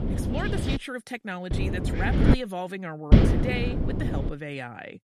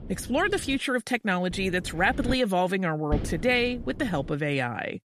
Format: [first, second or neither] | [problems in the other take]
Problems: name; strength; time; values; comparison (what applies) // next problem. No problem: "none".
second | wind noise on the microphone; heavy; at the start, at 1.5 s and from 3 to 4.5 s; 1 dB above the speech; occasional gusts in the second